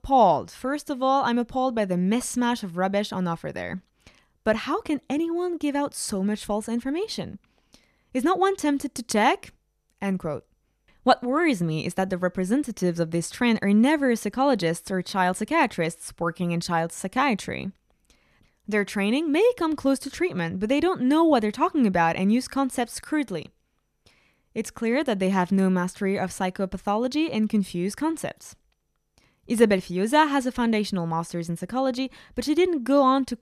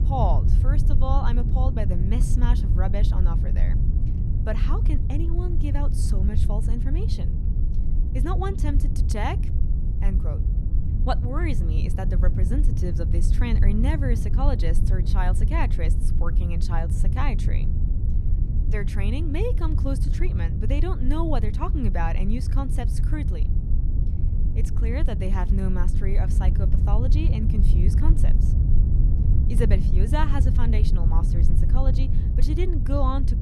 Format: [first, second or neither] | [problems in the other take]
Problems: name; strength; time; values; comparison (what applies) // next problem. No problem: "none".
first | low rumble; loud; throughout; 6 dB below the speech